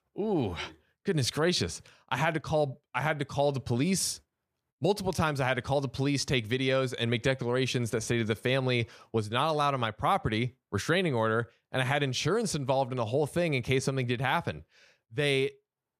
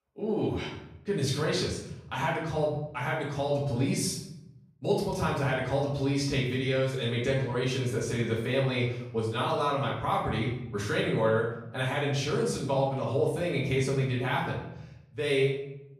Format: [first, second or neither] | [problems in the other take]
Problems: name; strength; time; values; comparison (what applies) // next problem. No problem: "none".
first | off-mic speech; far // room echo; noticeable; dies away in 0.7 s